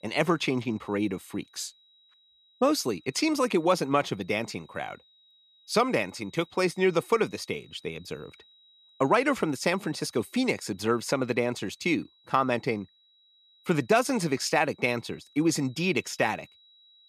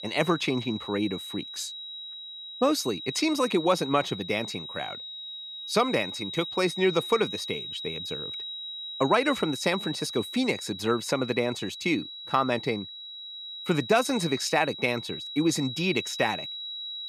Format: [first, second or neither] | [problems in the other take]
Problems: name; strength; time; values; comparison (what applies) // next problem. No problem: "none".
first | high-pitched whine; loud; throughout; 4 kHz, 8 dB below the speech; faint in the first